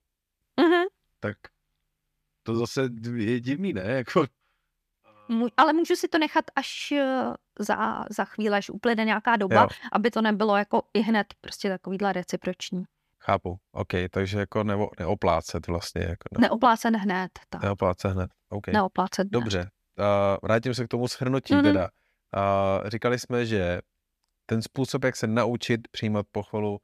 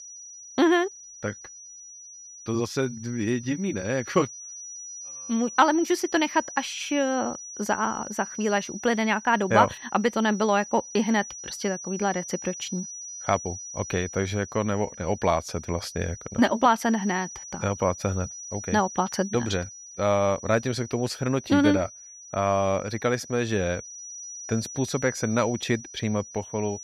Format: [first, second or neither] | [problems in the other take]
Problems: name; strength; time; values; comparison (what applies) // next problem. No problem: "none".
first | high-pitched whine; noticeable; throughout; 6 kHz, 10 dB below the speech